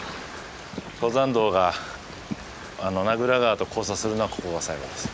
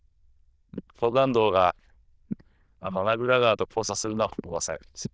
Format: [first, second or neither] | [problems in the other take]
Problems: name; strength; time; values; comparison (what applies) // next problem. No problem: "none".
first | noise reduction (neural diffusion model UNIVERSE++)